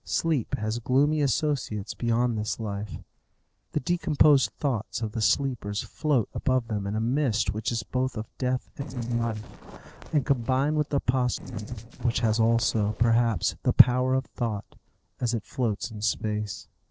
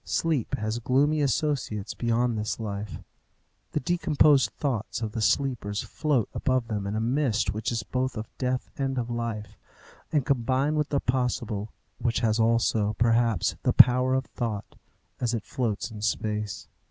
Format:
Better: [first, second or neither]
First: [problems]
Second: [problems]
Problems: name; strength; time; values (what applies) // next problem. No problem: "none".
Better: second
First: noise reduction (neural separator model SepFormer DNS4)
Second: none